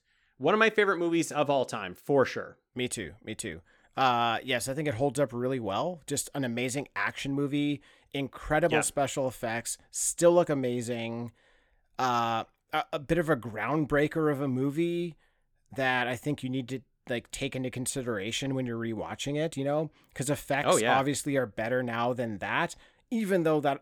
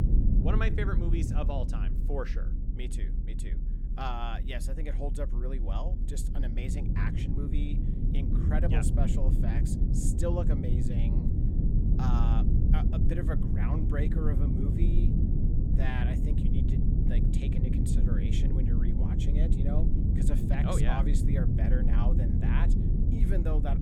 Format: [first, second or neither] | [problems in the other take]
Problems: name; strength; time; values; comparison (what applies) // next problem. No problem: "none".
first | low rumble; loud; throughout; 1 dB below the speech